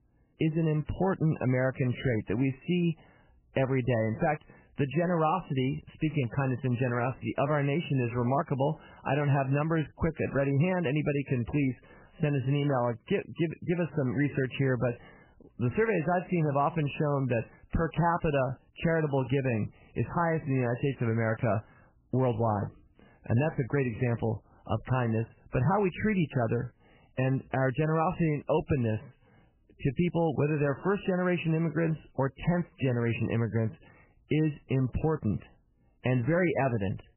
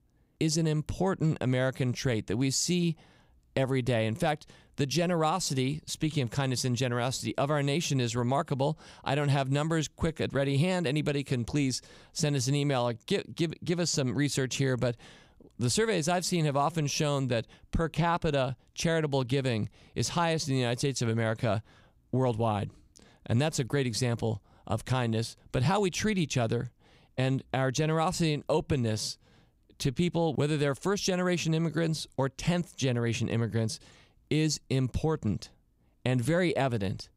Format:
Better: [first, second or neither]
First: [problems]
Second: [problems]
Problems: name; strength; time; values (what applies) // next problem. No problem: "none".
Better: second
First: garbled, watery; badly; nothing above 3 kHz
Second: none